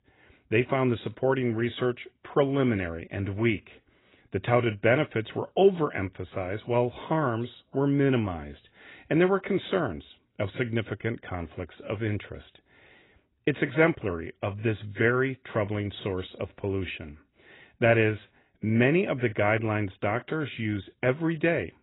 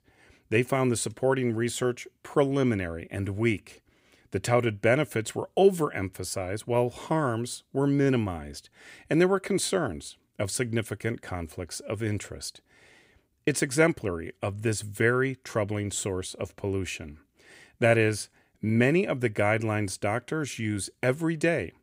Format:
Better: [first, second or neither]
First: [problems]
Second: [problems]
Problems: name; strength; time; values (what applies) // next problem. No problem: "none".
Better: second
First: garbled, watery; badly; nothing above 4 kHz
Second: none